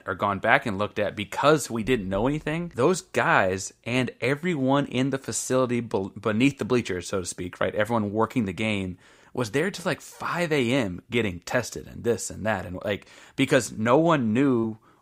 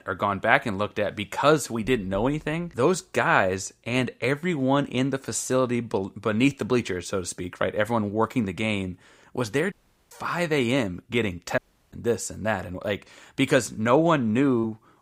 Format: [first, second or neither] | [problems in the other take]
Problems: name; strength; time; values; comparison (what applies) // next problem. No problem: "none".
first | audio cutting out; at 9.5 s and at 12 s